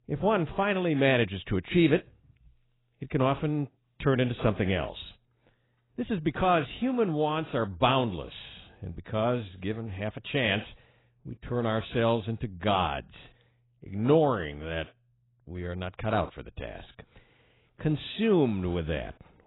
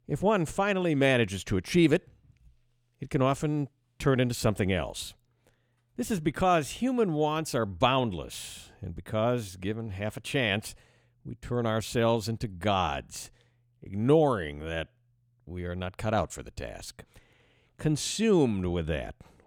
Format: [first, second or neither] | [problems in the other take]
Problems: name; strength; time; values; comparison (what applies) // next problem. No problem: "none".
second | garbled, watery; badly; nothing above 4 kHz